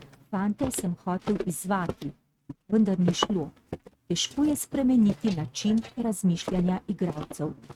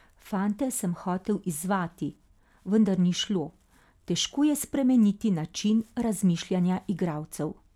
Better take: second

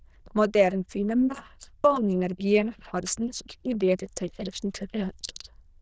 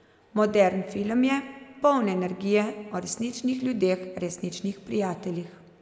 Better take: second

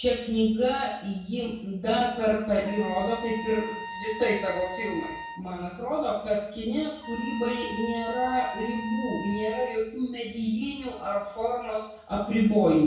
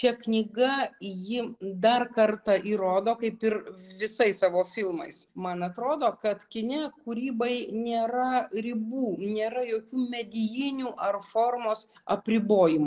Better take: second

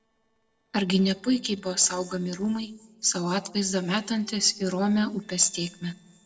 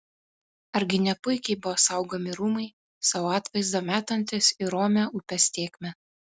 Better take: second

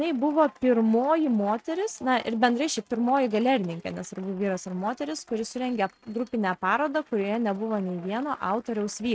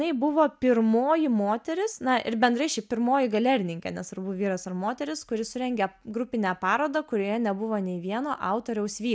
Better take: second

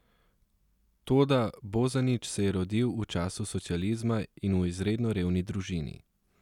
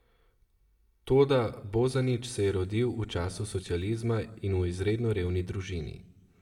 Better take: first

